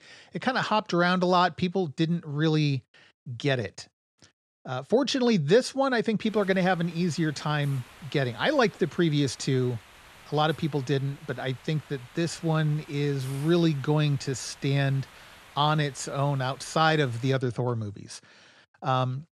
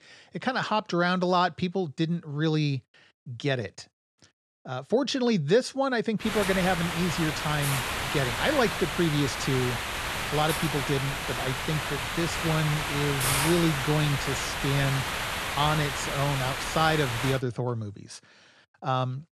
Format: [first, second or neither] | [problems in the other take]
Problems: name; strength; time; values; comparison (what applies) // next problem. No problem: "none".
first | hiss; loud; from 6.5 to 17 s; 2 dB below the speech; faint in the first